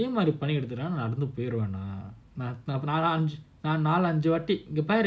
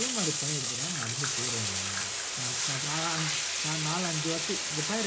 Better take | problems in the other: first | background sound (Bathtub (filling or washing)); 5 dB above the speech

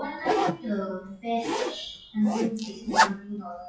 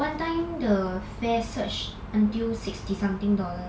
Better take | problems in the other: second | noise reduction (classical method WPE with log-MMSE)

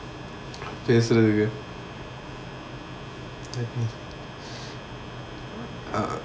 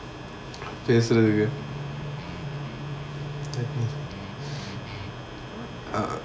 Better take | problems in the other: first | background sound (Guitar); 7 dB below the speech

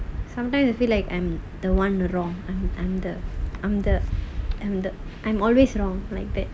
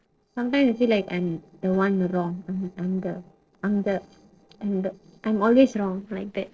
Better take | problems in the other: first | noise reduction (neural separator model SepFormer DNS4)

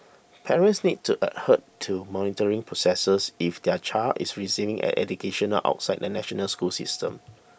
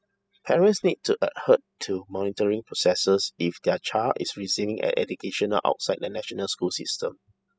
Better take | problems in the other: first | noise reduction (classical method spectral subtraction)

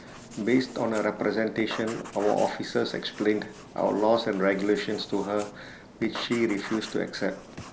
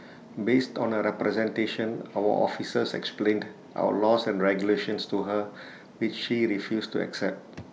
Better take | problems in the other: second | background sound (Writing); 17 dB below the speech

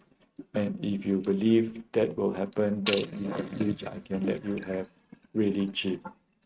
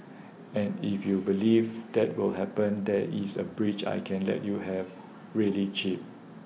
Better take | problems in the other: second | noise reduction (neural mask model RNNoise)

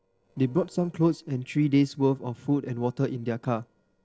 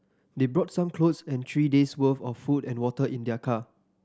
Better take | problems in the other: second | noise reduction (neural separator model SepFormer DNS4)

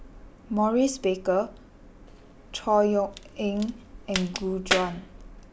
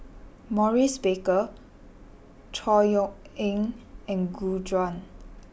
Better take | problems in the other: second | background sound (Crack); 8 dB below the speech

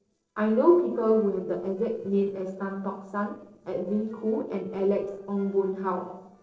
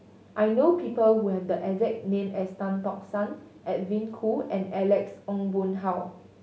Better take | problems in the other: second | noise reduction (neural separator model SepFormer DNS4)

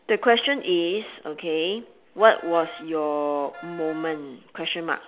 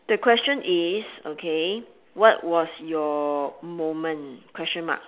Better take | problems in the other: second | background sound (Wind instrument, woodwind instrument); 19 dB below the speech

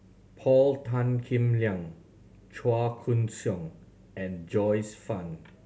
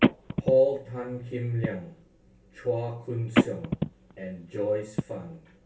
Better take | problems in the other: first | background sound (Telephone); as loud as the speech // room echo; dies away in 0.2 s

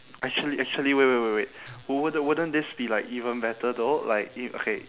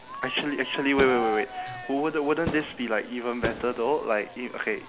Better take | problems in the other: first | background sound (Crowd / Fireworks); 9 dB below the speech

